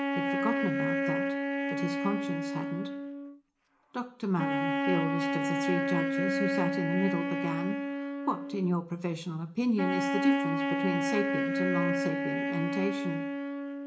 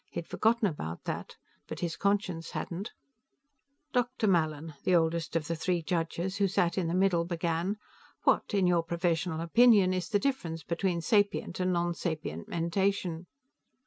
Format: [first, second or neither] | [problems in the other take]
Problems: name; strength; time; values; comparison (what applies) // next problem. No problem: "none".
second | background sound (Wind instrument, woodwind instrument); 2 dB above the speech // room echo; dies away in 0.4 s